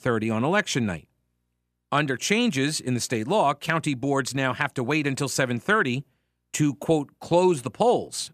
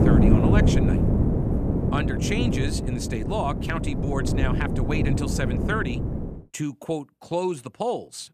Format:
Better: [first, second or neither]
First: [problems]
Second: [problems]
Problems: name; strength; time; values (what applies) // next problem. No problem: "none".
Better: first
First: none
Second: wind noise on the microphone; heavy; until 6.5 s; 1 dB below the speech